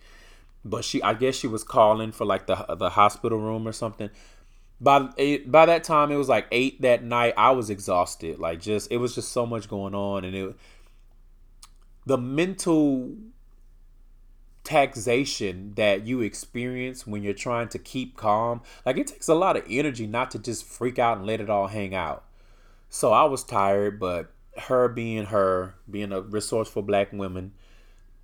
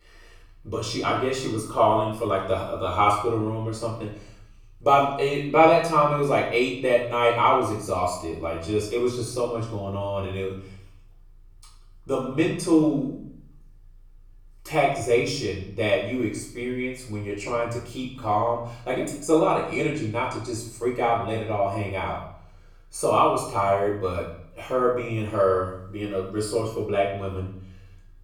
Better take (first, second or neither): first